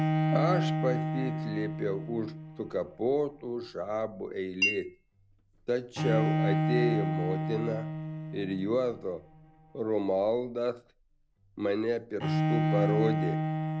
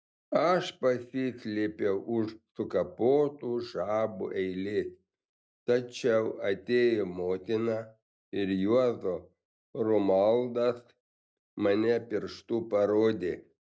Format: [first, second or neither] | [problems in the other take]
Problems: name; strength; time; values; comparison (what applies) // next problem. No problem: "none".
second | background sound (Bowed string instrument + Chink, clink); as loud as the speech